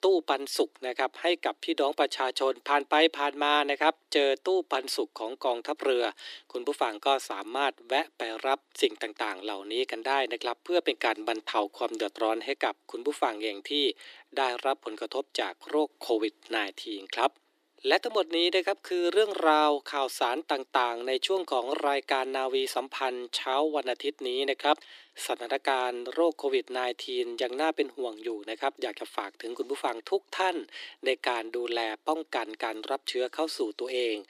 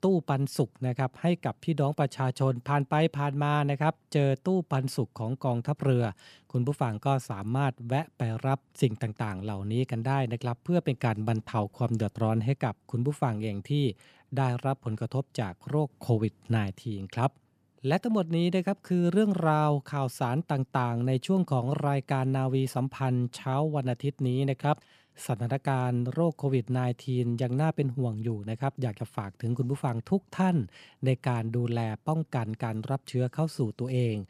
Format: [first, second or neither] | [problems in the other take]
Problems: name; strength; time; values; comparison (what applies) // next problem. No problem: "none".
second | thin; very; fading below 300 Hz